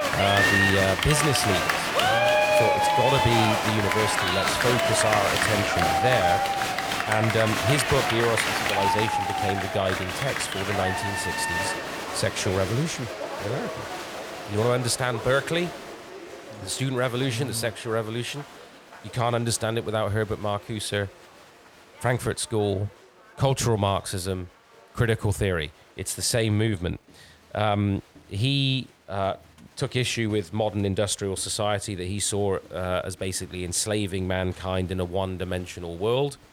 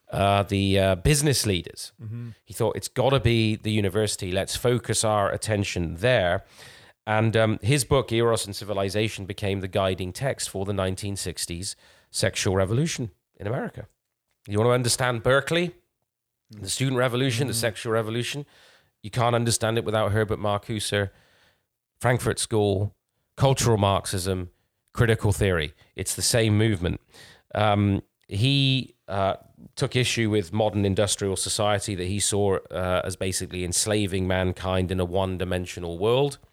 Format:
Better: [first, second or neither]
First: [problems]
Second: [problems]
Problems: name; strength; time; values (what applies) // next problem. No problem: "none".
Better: second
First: crowd noise; very loud; throughout; 2 dB above the speech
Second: none